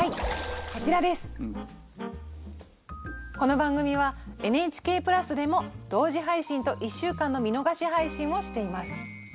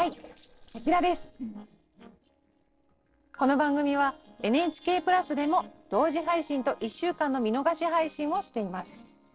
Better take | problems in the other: first | noise reduction (neural separator model SepFormer DNS4)

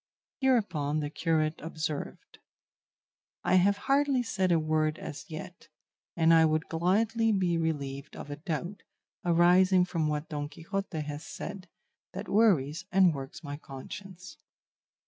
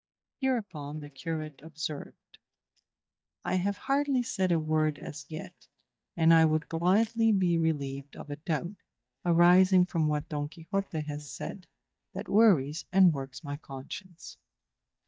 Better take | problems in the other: first | noise reduction (neural mask model DeepFilterNet 3)

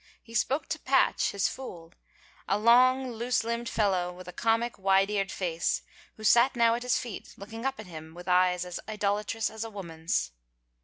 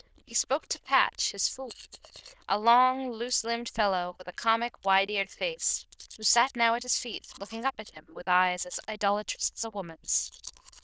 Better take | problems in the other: first | noise reduction (neural diffusion model UNIVERSE++)

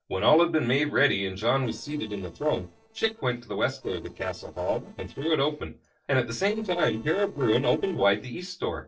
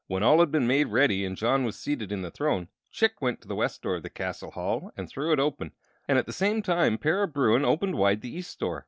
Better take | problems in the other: second | noise reduction (neural separator model SepFormer DNS4)

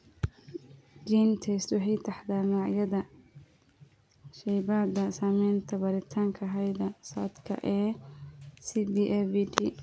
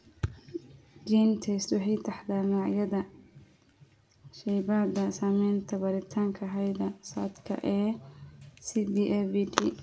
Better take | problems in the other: first | room echo; dies away in 0.4 s

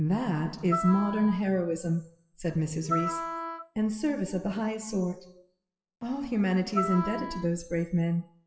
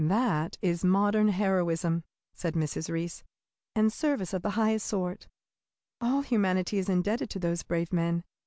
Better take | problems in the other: second | noise reduction (classical method WPE with log-MMSE)

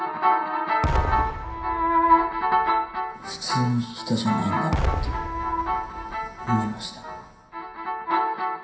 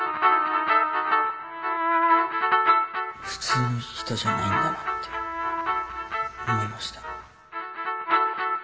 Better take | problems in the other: second | background sound (Explosion); 7 dB below the speech // room echo; dies away in 0.5 s

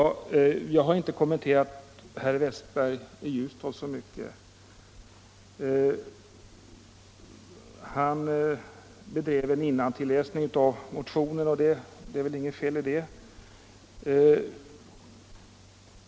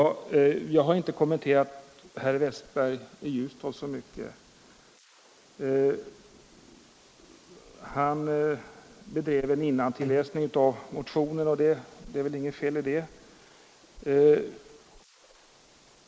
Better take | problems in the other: first | noise reduction (neural mask model Resemble Enhance denoiser)

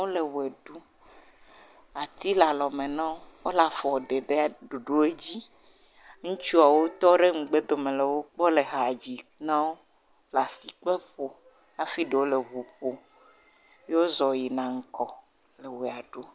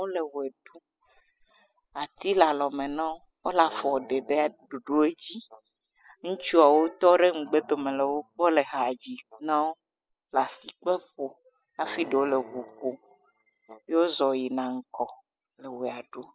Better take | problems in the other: first | noise reduction (classical method spectral subtraction)

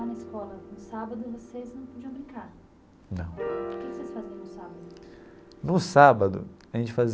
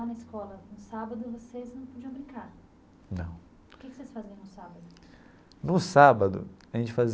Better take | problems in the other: second | background sound (Piano); 14 dB below the speech

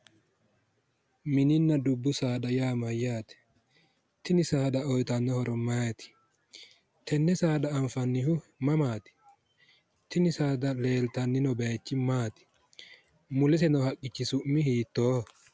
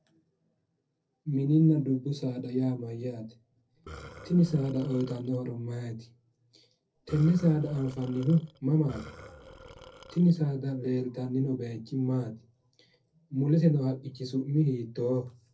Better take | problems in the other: first | noise reduction (neural separator model SepFormer DNS4)

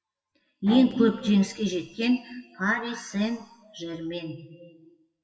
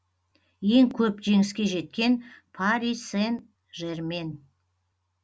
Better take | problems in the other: second | noise reduction (classical method WPE with log-MMSE)

